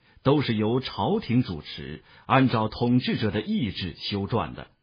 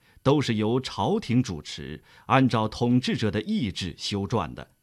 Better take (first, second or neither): second